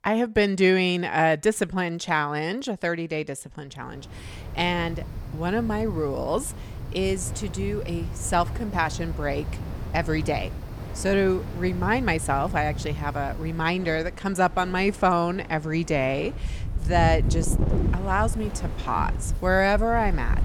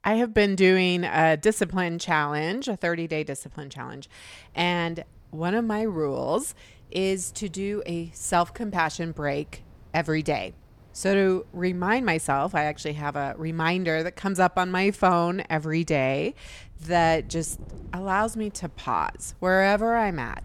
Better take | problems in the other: second | wind in the background; loud; from 4 s on; 7 dB below the speech; faint in the second

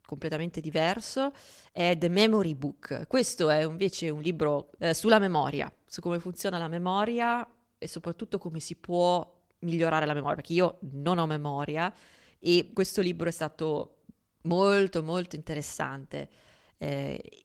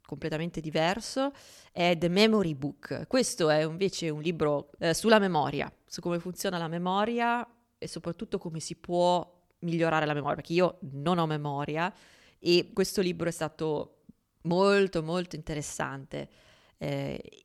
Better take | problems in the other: second | garbled, watery; slightly

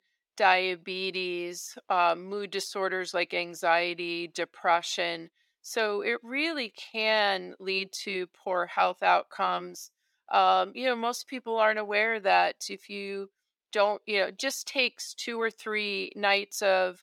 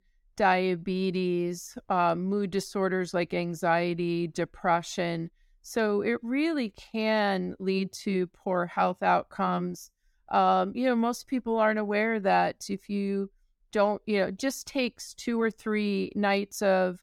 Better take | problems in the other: second | thin; somewhat; fading below 450 Hz

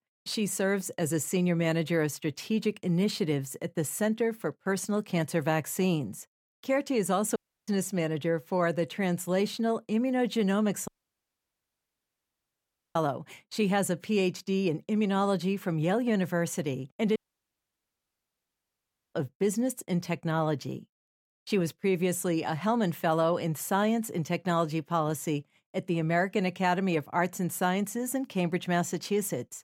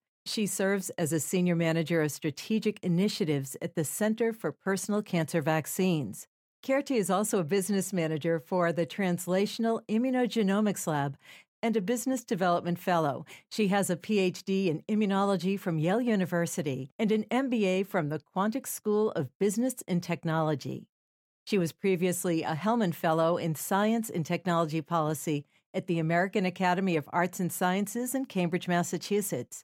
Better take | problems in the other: second | audio cutting out; at 7.5 s, at 11 s for 2 s and at 17 s for 2 s

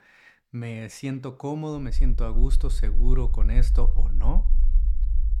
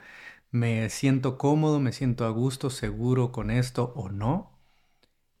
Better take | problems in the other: second | low rumble; noticeable; from 2 s on; 15 dB below the speech

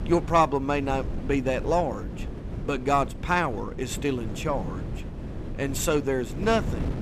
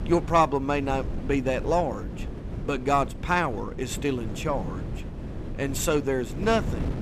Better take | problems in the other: neither | wind noise on the microphone; occasional gusts; 15 dB below the speech; the same in both

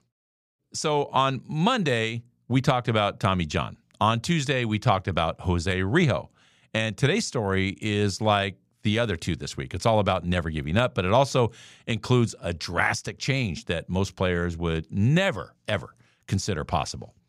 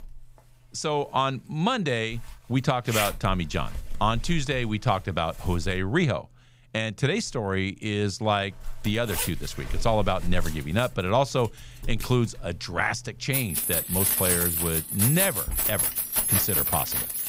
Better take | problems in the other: first | household noises; very loud; throughout; 2 dB above the speech

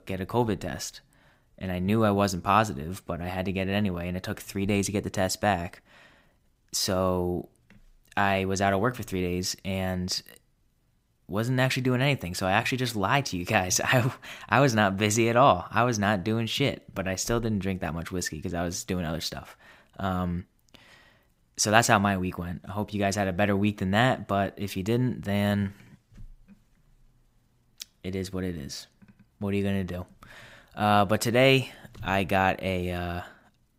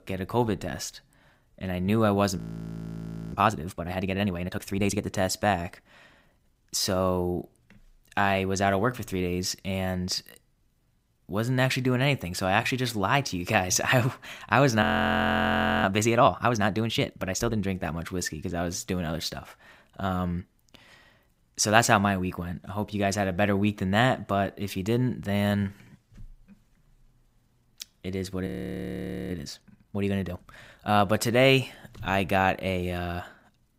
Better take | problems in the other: first | audio freezing; at 2.5 s for 1 s, at 15 s for 1 s and at 28 s for 1 s

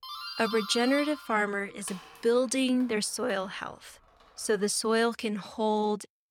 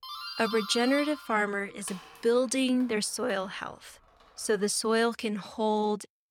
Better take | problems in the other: neither | doorbell; noticeable; until 4.5 s; peak 8 dB below the speech; the same in both

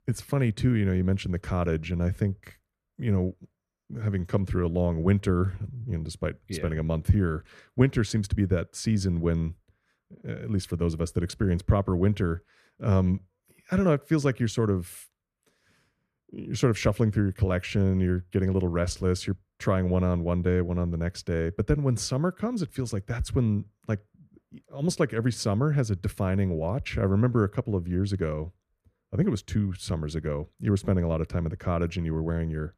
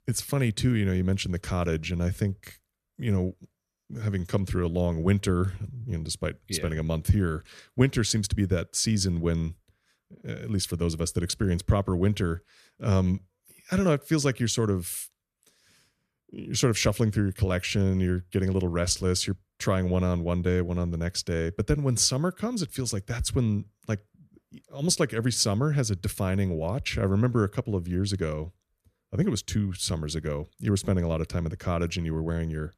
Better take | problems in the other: second | muffled; slightly; fading above 2.5 kHz

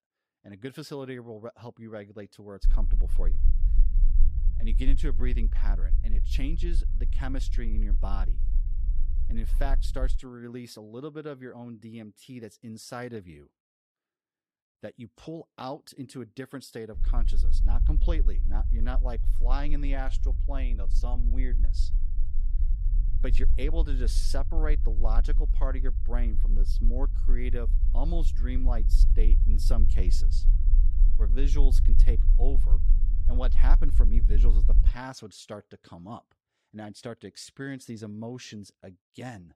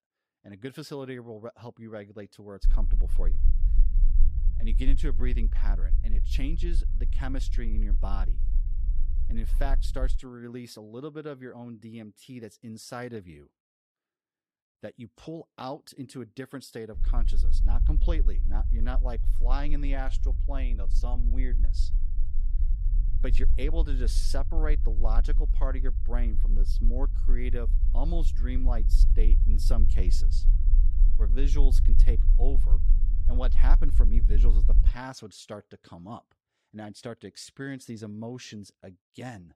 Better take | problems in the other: neither | low rumble; noticeable; from 2.5 to 10 s and from 17 to 35 s; 10 dB below the speech; the same in both

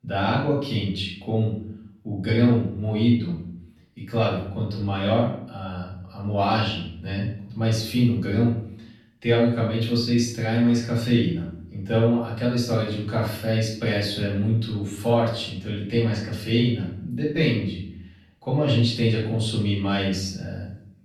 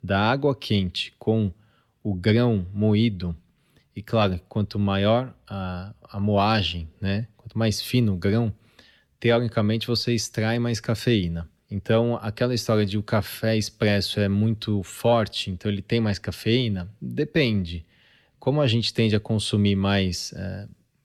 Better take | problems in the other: second | room echo; noticeable; dies away in 0.5 s // off-mic speech; far

